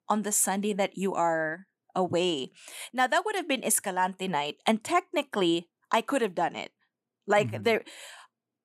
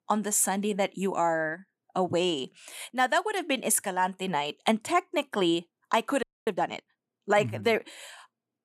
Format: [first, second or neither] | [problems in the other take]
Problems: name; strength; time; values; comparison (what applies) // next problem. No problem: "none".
first | audio freezing; at 6 s